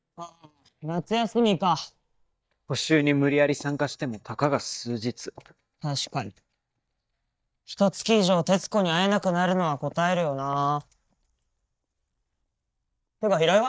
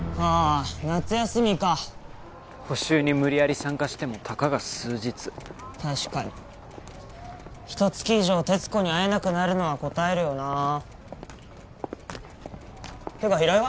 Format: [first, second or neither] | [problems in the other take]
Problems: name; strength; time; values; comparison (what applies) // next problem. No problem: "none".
second | noise reduction (neural mask model DeepFilterNet 3)